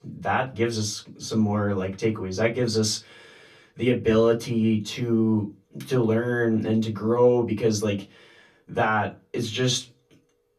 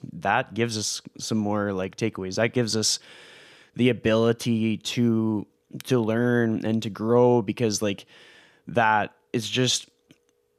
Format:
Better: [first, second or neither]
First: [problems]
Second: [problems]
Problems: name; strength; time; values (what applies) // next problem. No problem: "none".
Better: second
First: off-mic speech; far // room echo; very slight; dies away in 0.2 s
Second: none